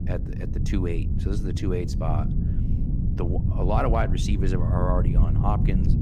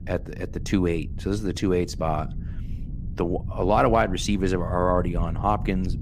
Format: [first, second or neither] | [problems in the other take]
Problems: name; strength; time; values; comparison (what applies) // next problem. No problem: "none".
second | low rumble; loud; throughout; 7 dB below the speech; faint in the second